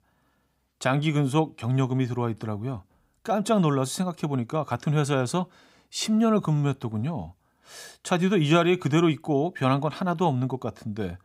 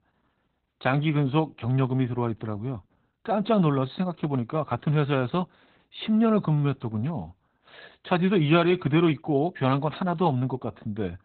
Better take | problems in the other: first | garbled, watery; badly; nothing above 4 kHz

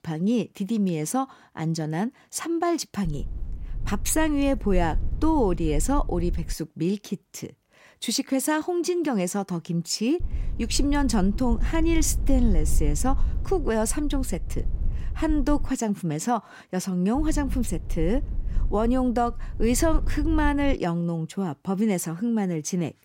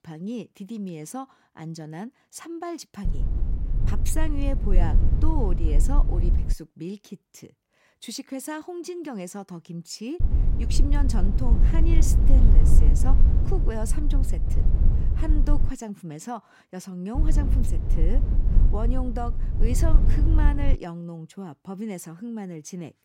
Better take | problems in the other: first | low rumble; loud; from 3 to 6.5 s, from 10 to 16 s and from 17 to 21 s; 5 dB below the speech; faint in the first

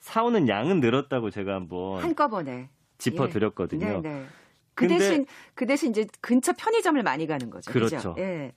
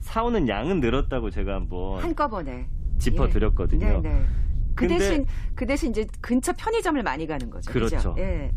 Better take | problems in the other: first | low rumble; faint; throughout; 20 dB below the speech

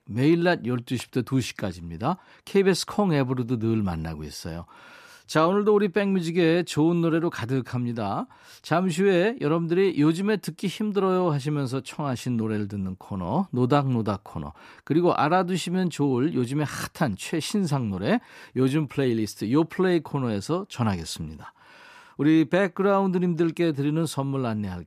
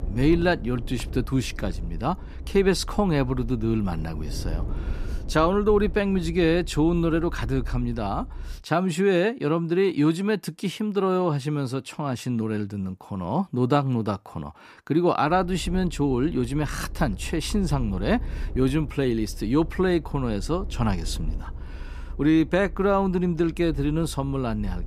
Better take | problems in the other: first | low rumble; faint; until 8.5 s and from 15 s on; 25 dB below the speech

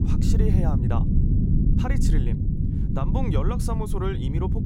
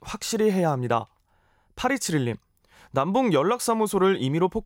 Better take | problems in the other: second | low rumble; loud; throughout; 1 dB below the speech

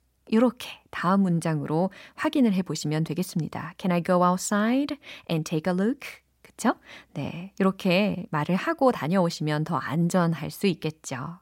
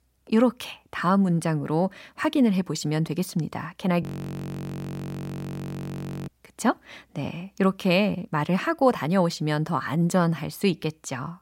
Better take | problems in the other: first | audio freezing; at 4 s for 2.5 s

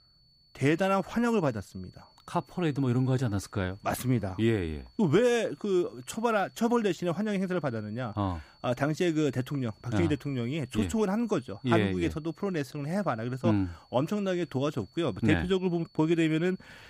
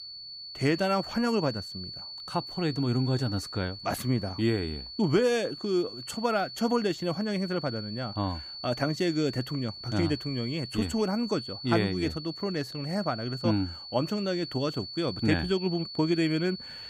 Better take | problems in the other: first | high-pitched whine; loud; throughout; 4.5 kHz, 9 dB below the speech; faint in the first

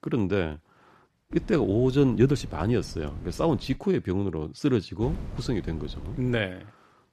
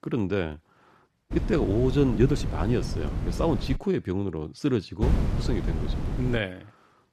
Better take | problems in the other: first | wind noise on the microphone; heavy; from 1.5 to 4 s and from 5 to 6.5 s; 9 dB below the speech; occasional gusts in the first

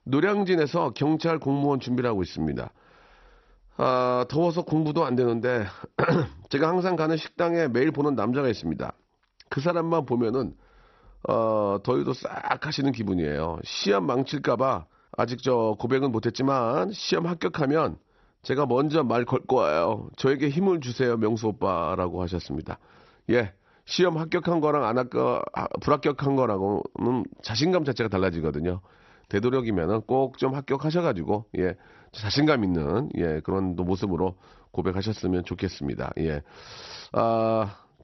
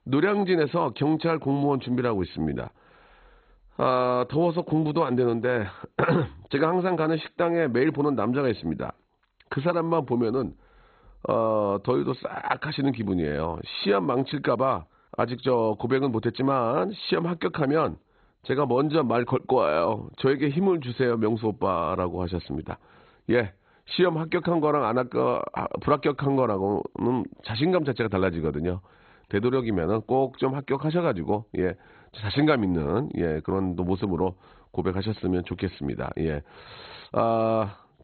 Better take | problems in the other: first | garbled, watery; badly; nothing above 4 kHz; slightly in the first

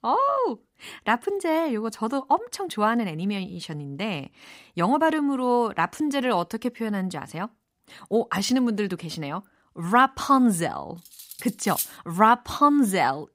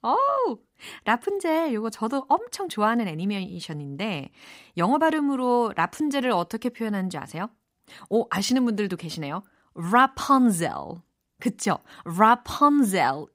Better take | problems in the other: second | clattering dishes; noticeable; at 11 s; peak 5 dB below the speech

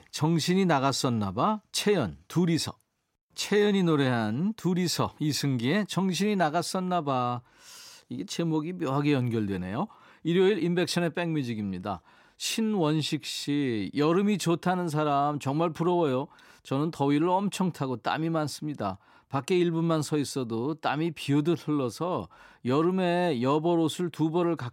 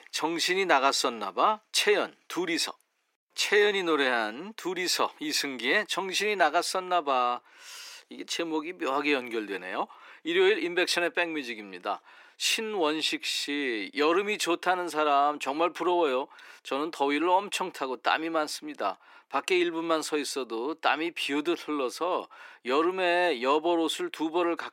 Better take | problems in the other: first | thin; somewhat; fading below 350 Hz

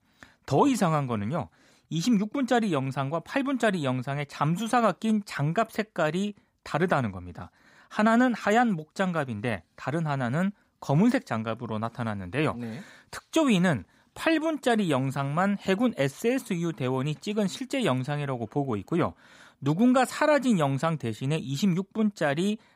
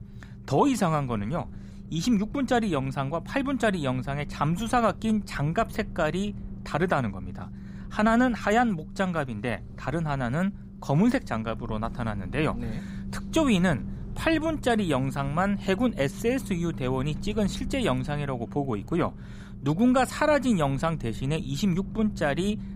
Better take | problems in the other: first | low rumble; faint; throughout; 20 dB below the speech

